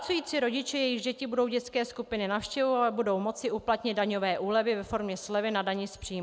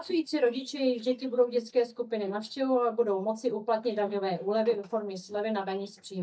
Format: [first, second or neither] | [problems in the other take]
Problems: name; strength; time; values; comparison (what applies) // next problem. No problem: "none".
first | noise reduction (neural mask model DeepFilterNet 3)